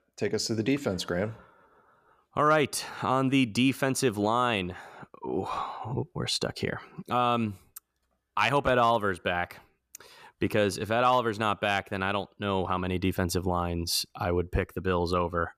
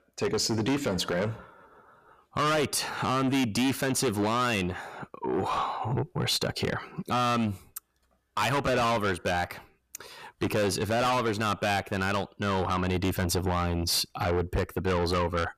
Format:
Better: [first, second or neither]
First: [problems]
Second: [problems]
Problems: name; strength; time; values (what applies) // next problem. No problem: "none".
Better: first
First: none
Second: distortion; heavy; 6 dB below the speech